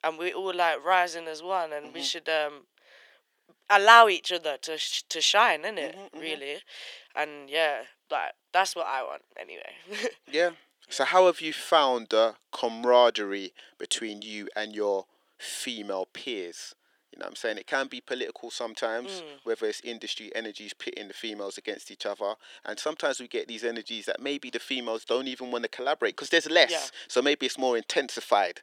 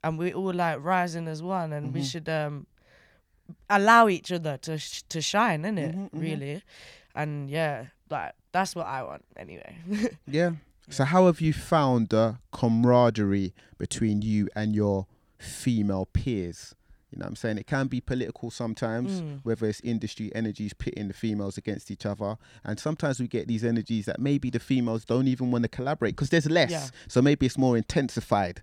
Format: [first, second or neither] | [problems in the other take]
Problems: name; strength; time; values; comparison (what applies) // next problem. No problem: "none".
second | thin; very; fading below 400 Hz